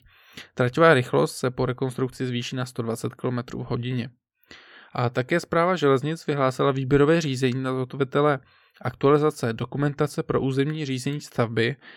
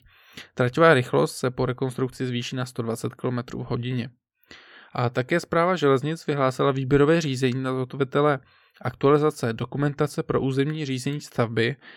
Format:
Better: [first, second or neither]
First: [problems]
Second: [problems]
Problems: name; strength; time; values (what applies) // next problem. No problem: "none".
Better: neither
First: none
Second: none